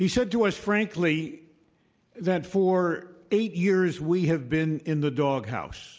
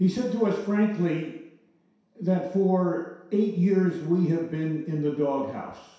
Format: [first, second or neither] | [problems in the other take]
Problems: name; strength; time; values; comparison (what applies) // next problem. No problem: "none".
first | room echo; dies away in 0.7 s